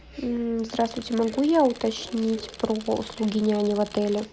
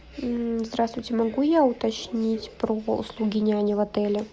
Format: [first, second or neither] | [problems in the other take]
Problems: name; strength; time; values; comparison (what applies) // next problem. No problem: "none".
second | background sound (Tools); 19 dB below the speech